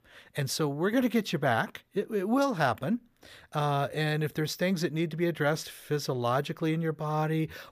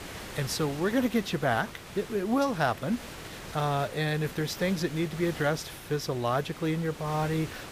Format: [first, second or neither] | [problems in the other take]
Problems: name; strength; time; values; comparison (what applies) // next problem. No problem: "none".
first | hiss; noticeable; throughout; 15 dB below the speech